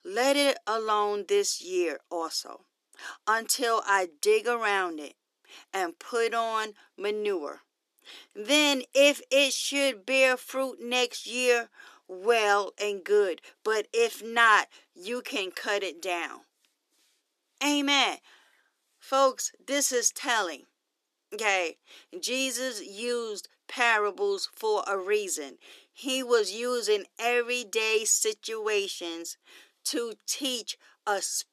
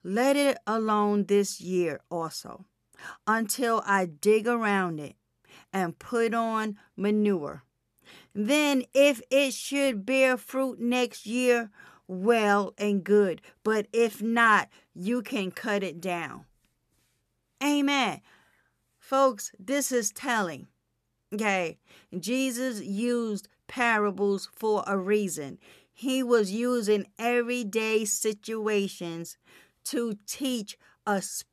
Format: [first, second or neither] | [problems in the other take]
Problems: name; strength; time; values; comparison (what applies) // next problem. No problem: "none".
second | thin; somewhat; fading below 300 Hz